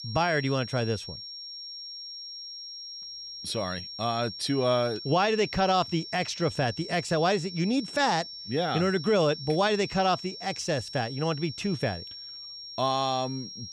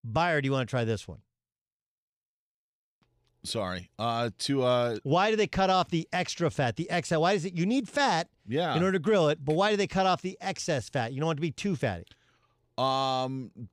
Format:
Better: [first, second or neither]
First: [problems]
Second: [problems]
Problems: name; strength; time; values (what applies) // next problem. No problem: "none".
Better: second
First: high-pitched whine; noticeable; throughout; 5.5 kHz, 10 dB below the speech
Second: none